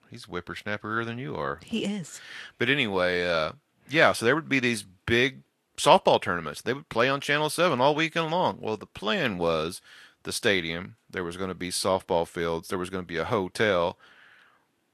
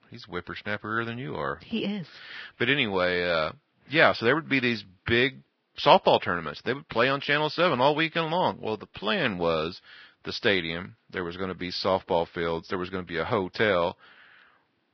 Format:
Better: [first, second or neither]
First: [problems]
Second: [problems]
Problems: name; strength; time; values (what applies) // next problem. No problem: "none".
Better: first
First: garbled, watery; slightly; nothing above 11.5 kHz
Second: garbled, watery; badly; nothing above 5 kHz